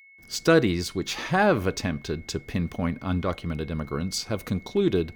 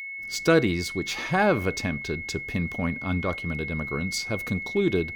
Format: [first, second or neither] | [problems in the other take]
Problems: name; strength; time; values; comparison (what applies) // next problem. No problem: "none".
first | high-pitched whine; loud; throughout; 2 kHz, 6 dB below the speech; faint in the first